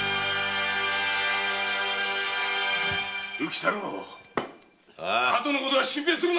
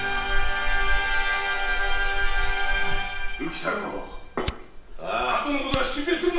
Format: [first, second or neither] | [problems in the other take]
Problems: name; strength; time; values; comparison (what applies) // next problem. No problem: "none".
first | background sound (Fire); 1 dB above the speech // room echo; dies away in 0.8 s